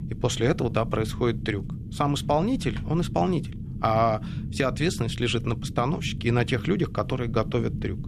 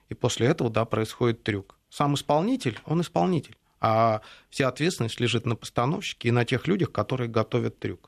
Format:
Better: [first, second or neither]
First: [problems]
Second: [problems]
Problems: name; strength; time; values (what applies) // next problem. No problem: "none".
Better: second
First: low rumble; noticeable; throughout; 15 dB below the speech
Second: none